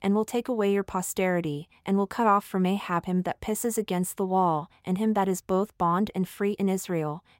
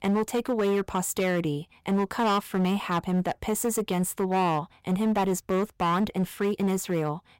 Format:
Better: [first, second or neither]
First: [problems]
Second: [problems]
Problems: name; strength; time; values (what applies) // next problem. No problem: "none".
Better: first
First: none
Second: distortion; slight; 14% of the sound clipped